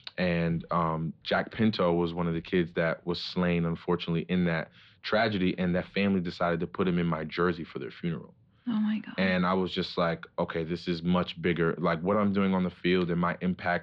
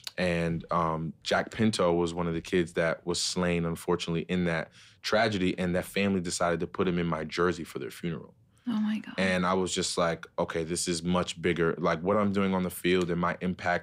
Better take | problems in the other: second | muffled; very slightly; fading above 4 kHz

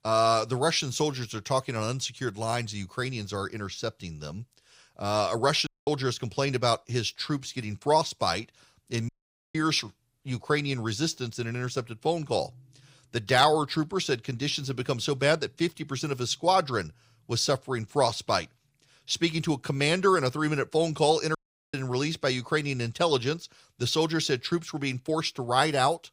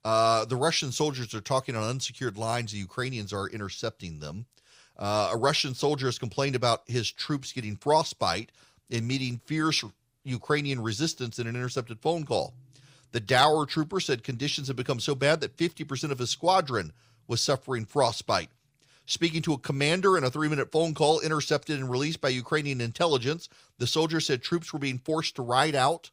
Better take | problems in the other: second | audio cutting out; at 5.5 s, at 9 s and at 21 s

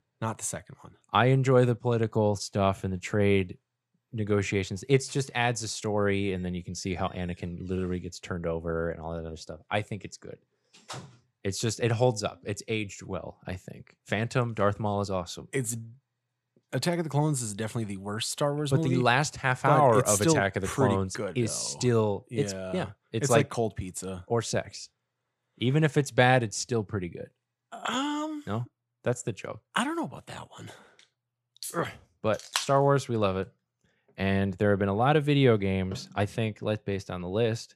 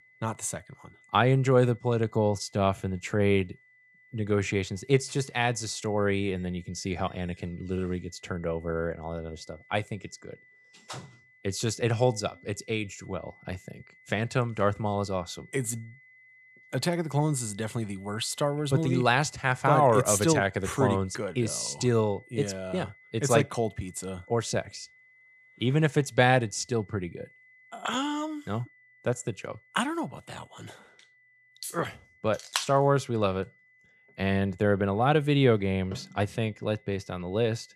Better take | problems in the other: first | high-pitched whine; faint; throughout; 2 kHz, 30 dB below the speech

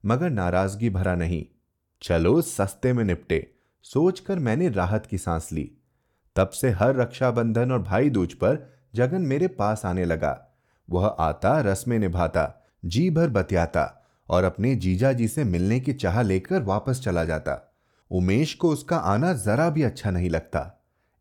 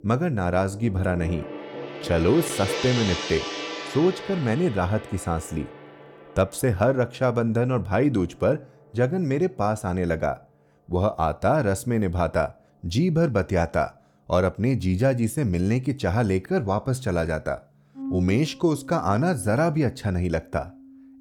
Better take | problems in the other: first | background music; loud; throughout; 9 dB below the speech

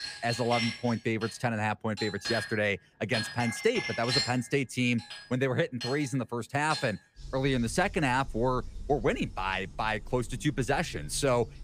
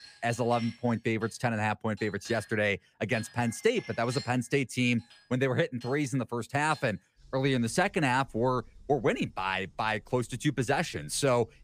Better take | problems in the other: second | household noises; loud; throughout; 7 dB below the speech; faint in the second

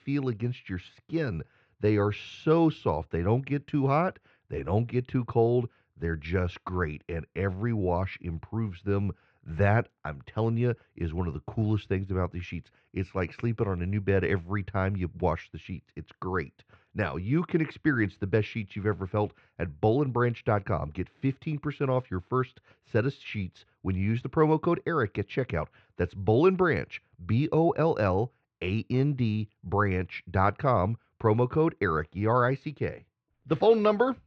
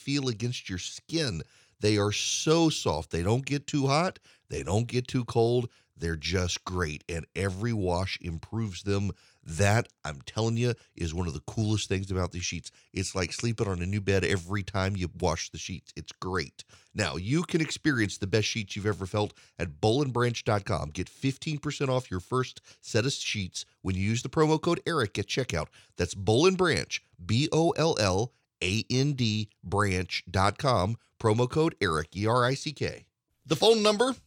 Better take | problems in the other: second | muffled; very; fading above 2 kHz

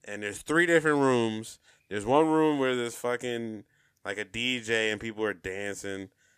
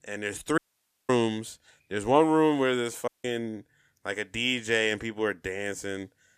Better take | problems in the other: first | audio cutting out; at 0.5 s for 0.5 s and at 3 s

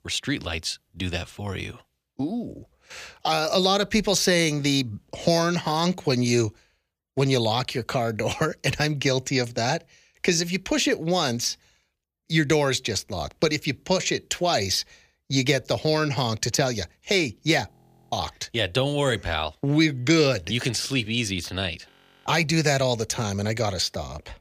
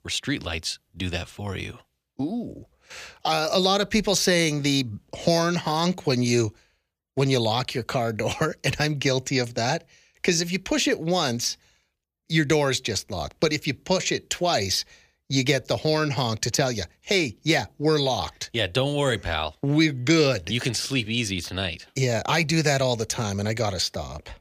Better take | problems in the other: second | audio freezing; at 18 s and at 22 s

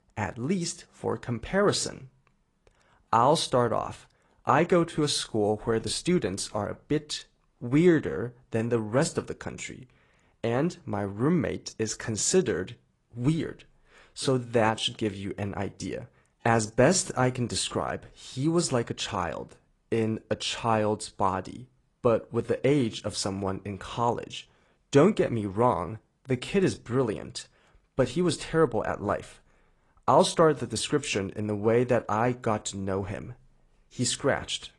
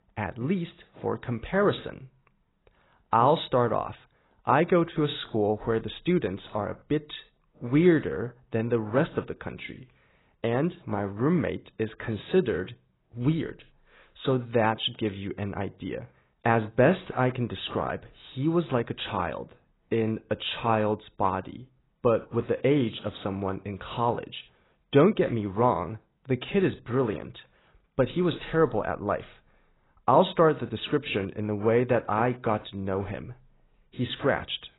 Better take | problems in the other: first | garbled, watery; badly; nothing above 4 kHz; slightly in the first

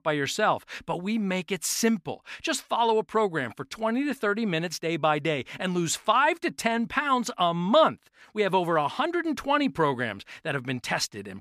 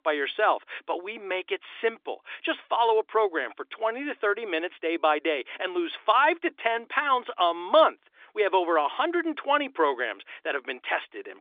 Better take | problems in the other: first | phone-call audio

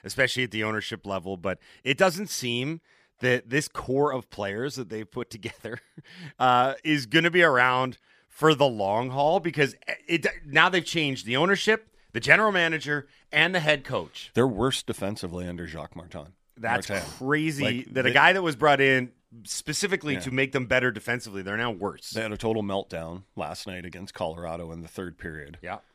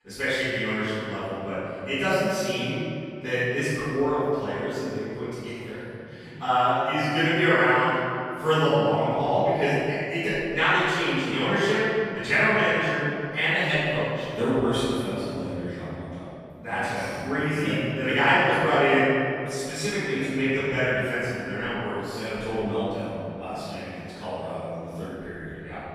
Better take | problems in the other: first | off-mic speech; far // room echo; strong; dies away in 2.5 s

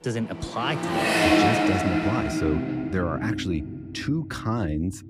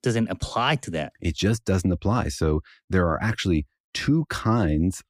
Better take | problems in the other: second | traffic noise; very loud; throughout; 5 dB above the speech

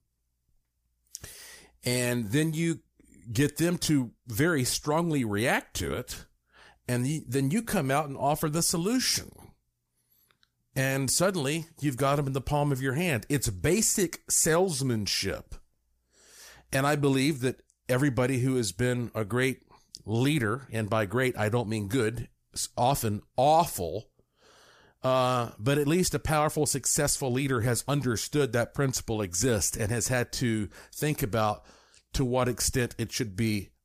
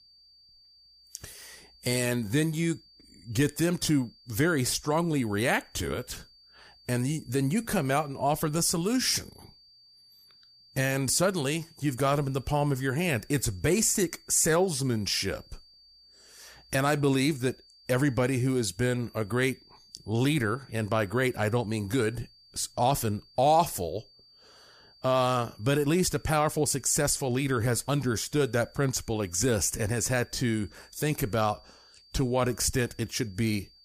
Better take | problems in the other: first | high-pitched whine; faint; throughout; 4.5 kHz, 30 dB below the speech

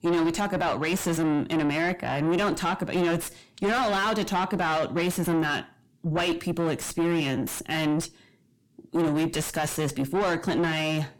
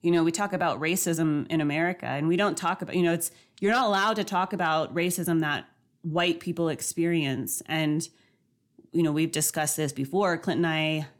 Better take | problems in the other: second | distortion; heavy; 7 dB below the speech

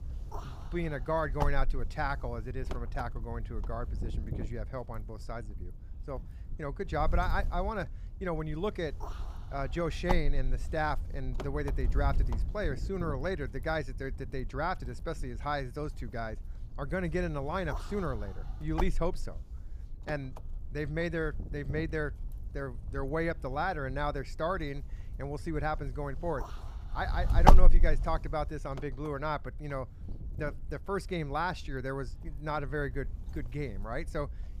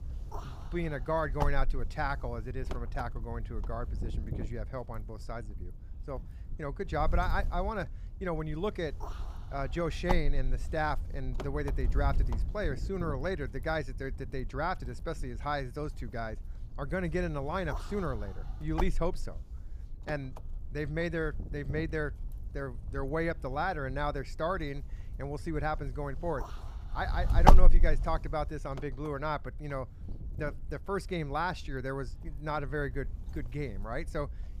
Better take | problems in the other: neither | wind noise on the microphone; heavy; 3 dB below the speech; the same in both

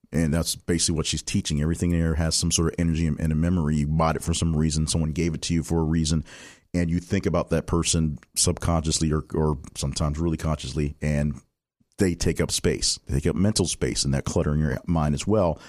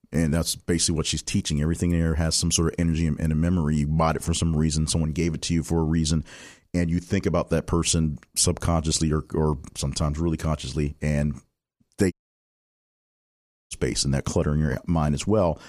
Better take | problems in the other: first | audio cutting out; at 12 s for 1.5 s

